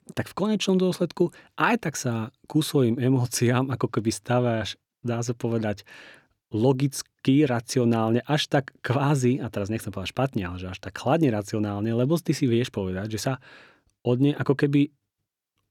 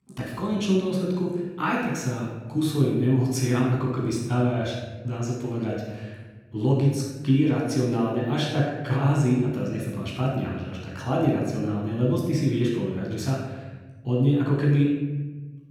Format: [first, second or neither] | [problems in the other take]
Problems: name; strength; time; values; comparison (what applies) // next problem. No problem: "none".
first | off-mic speech; far // room echo; noticeable; dies away in 1.2 s